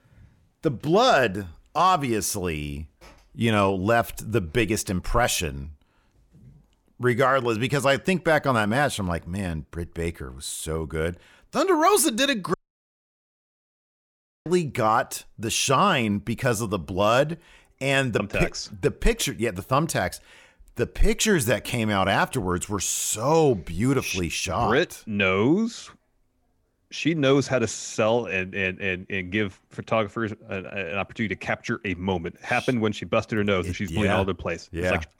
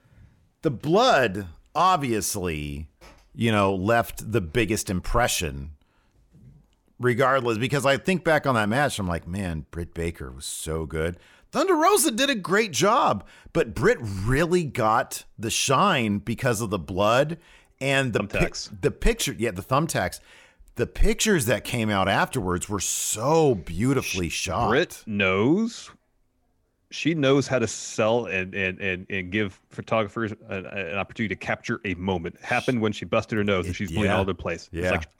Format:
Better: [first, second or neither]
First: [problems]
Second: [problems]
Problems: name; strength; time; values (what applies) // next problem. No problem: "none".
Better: second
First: audio cutting out; at 13 s for 2 s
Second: none